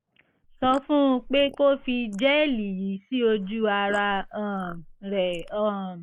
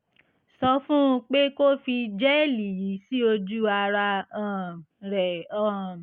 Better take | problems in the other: second | noise reduction (neural mask model Resemble Enhance denoiser)

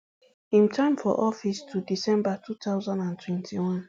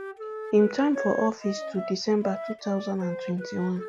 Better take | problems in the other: first | background sound (Wind instrument, woodwind instrument); 9 dB below the speech

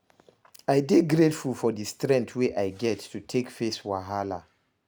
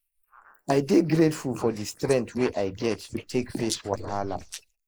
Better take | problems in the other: first | noise reduction (neural mask model Resemble Enhance denoiser)

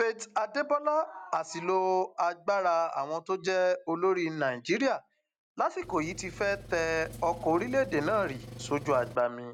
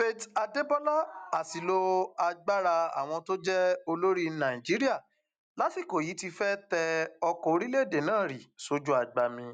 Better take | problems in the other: second | background sound (Engine); 15 dB below the speech

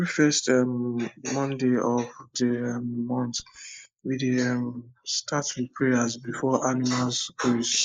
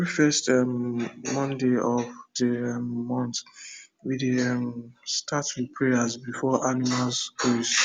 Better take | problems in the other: second | noise reduction (neural mask model Resemble Enhance denoiser)

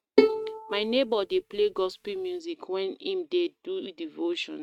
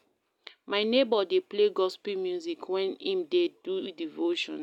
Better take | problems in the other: second | noise reduction (neural mask model RNNoise)

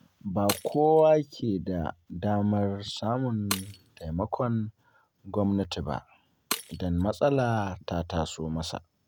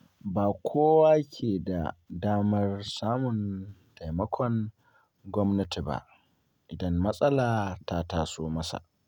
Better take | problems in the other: second | background sound (Shatter); 15 dB below the speech

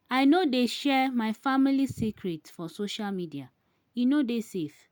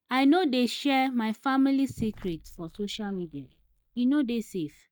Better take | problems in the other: first | noise reduction (neural mask model DeepFilterNet 3)

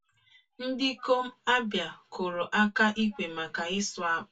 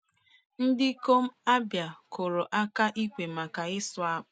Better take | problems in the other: second | room echo; dies away in 0.1 s

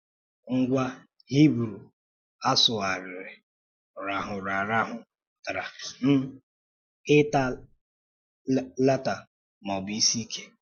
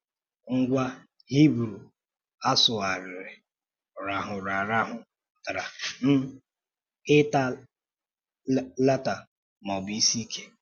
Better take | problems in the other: second | noise reduction (neural mask model Resemble Enhance denoiser)

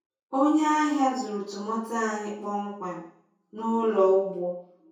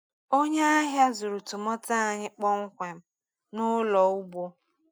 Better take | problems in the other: second | room echo; dies away in 0.6 s

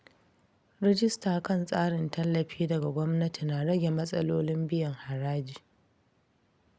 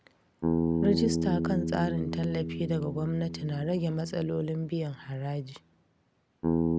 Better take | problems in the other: first | background sound (Bass guitar); as loud as the speech

